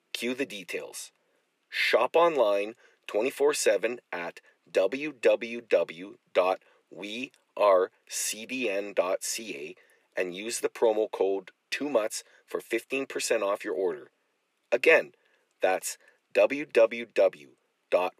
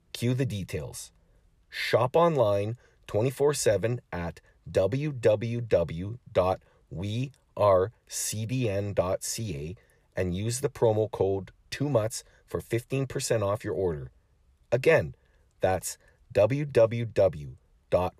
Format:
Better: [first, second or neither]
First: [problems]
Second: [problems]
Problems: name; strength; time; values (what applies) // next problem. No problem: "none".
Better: second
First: thin; somewhat; fading below 250 Hz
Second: none